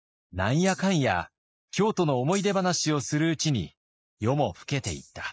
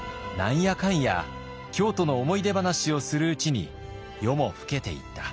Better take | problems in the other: second | noise reduction (neural mask model Resemble Enhance denoiser)

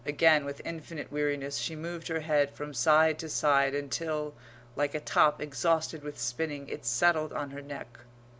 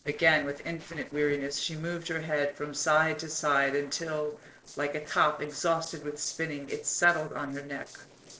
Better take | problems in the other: first | noise reduction (neural separator model SepFormer DNS4)

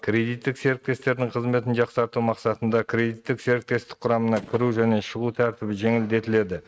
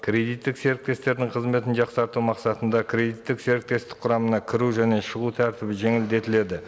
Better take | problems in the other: second | noise reduction (neural mask model RNNoise)

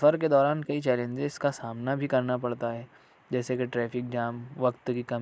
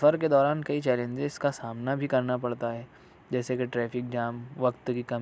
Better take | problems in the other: second | noise reduction (neural mask model Resemble Enhance denoiser)

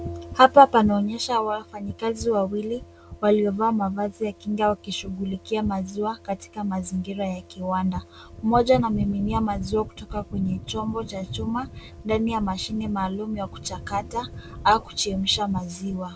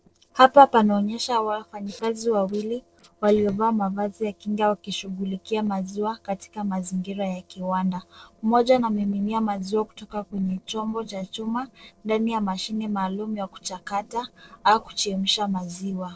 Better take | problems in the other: first | noise reduction (neural separator model SepFormer DNS4)

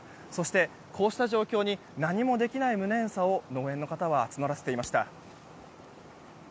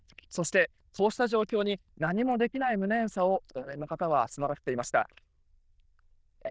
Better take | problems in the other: first | noise reduction (neural diffusion model UNIVERSE++)

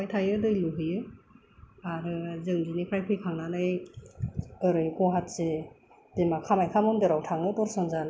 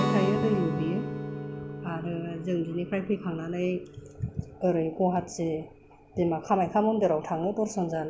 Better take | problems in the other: first | background sound (Guitar); 7 dB below the speech

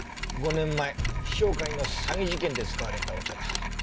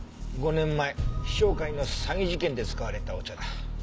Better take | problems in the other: second | background sound (Mechanisms); 7 dB below the speech

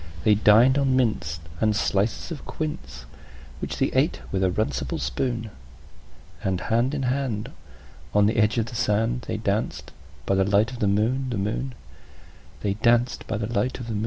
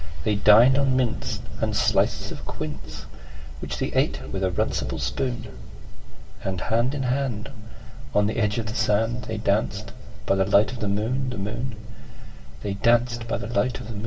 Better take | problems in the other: first | room echo; dies away in 3 s

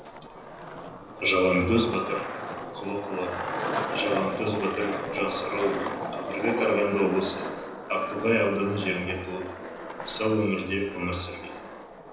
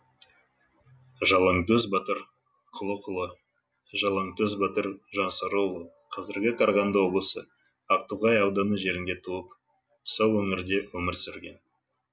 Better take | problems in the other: second | background sound (Skateboard); 6 dB below the speech // room echo; dies away in 0.9 s

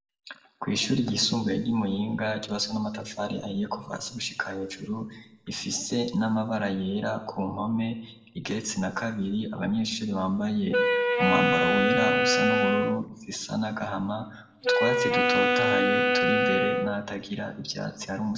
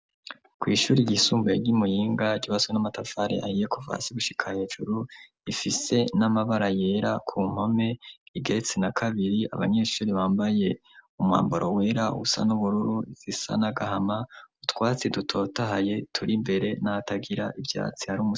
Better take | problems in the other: second | background sound (Wind instrument, woodwind instrument); 4 dB above the speech // room echo; dies away in 0.7 s

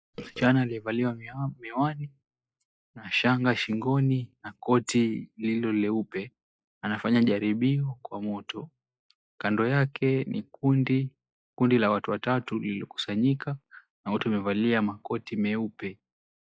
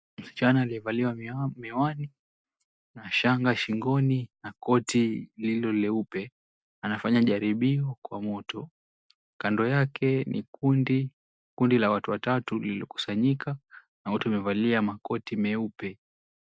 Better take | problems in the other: second | noise reduction (classical method log-MMSE)

